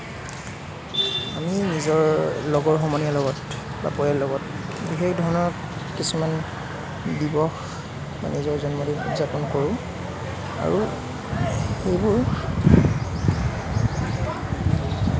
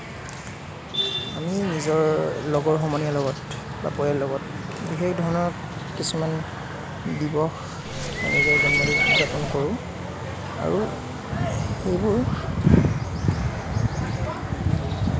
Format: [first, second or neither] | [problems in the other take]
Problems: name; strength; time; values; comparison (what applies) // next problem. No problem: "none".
first | background sound (Bird); 2 dB above the speech